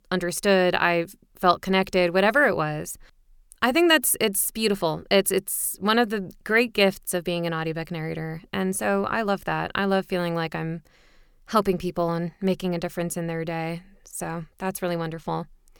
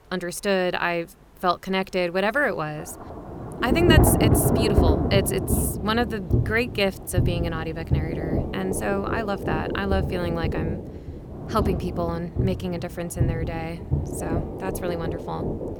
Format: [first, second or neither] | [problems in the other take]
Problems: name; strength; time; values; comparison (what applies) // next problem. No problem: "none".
first | rain or running water; very loud; throughout; 1 dB above the speech